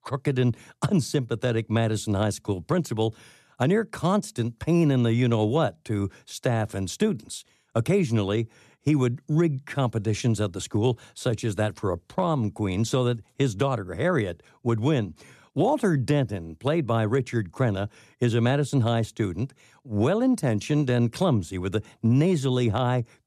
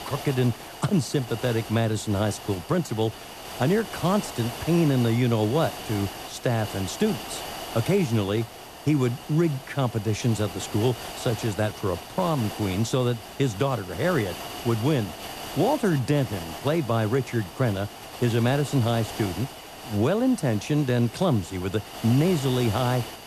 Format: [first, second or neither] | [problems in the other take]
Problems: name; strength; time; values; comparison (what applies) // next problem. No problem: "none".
first | hiss; noticeable; throughout; 10 dB below the speech